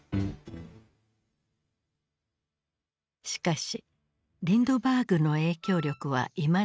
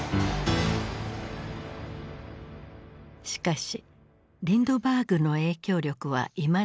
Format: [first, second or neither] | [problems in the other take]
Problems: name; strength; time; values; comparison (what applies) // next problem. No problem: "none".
second | noise reduction (neural mask model RNNoise)